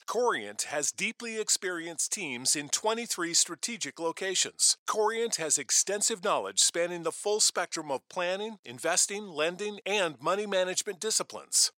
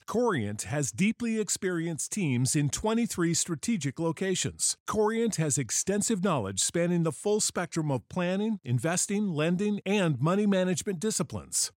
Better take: second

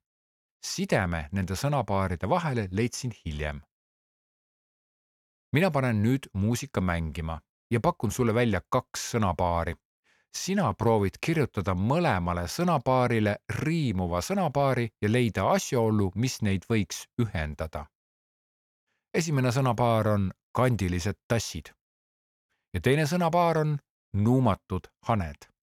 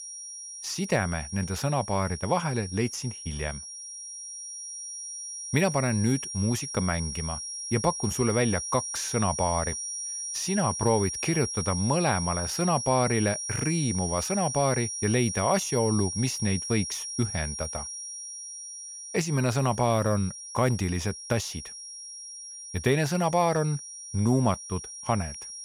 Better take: first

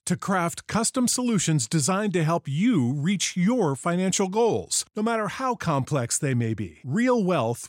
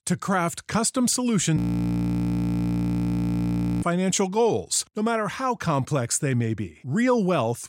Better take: first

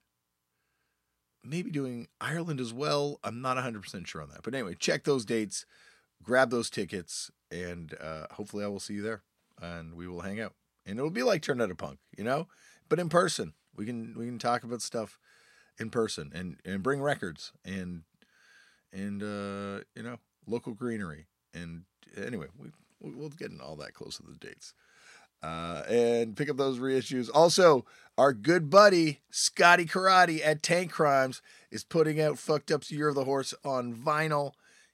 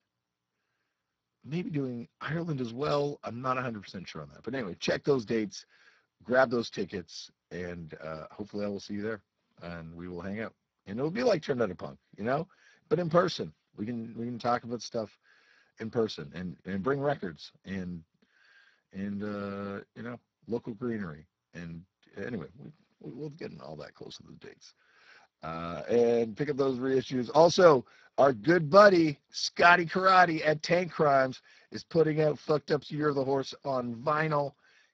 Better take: first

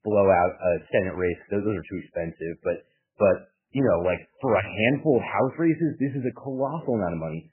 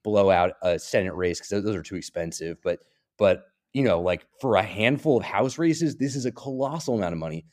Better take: second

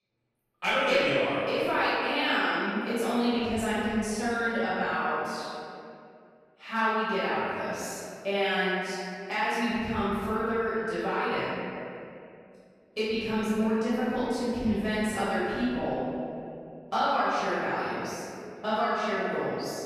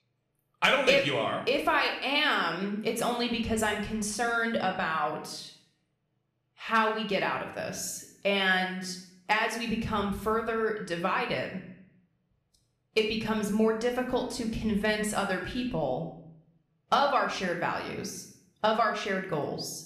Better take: second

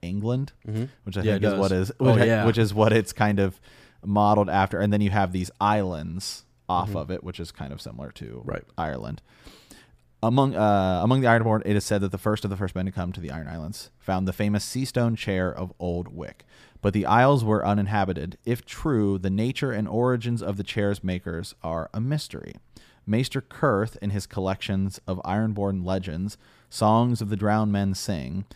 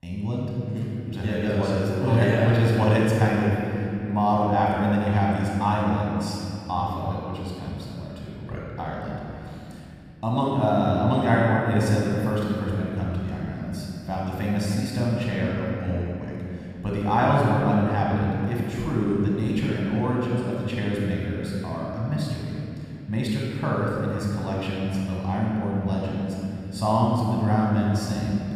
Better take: first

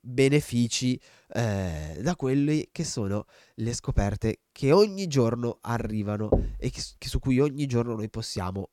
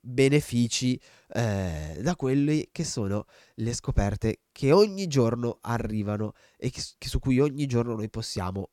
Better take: second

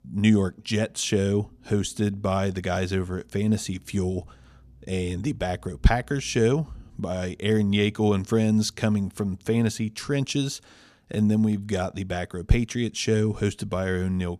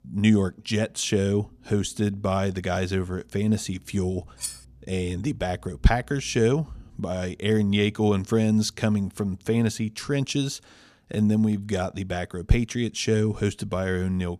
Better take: first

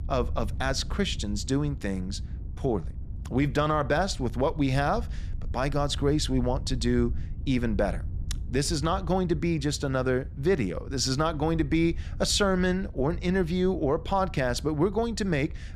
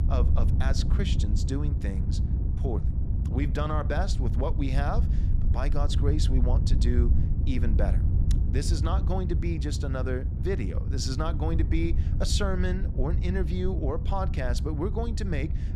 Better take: first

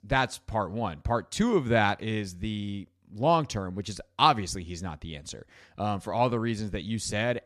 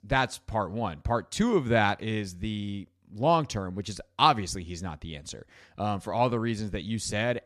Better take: neither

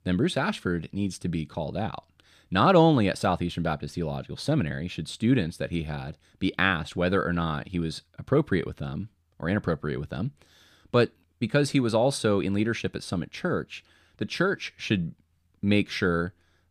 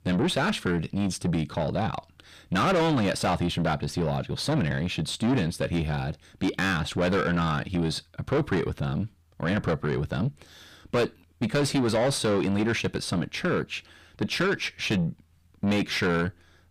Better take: first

